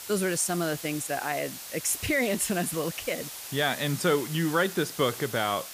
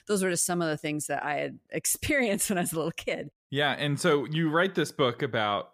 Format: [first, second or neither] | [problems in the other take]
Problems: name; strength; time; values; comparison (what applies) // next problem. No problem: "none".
second | hiss; loud; throughout; 9 dB below the speech